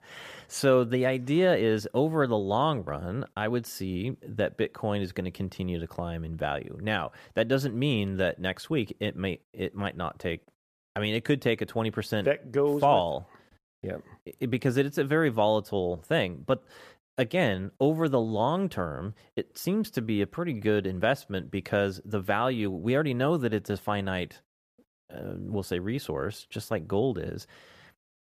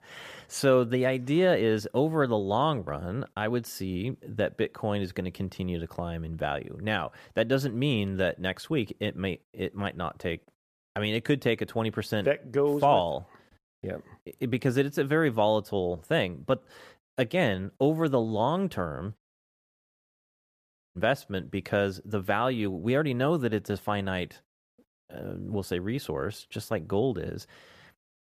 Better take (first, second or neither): first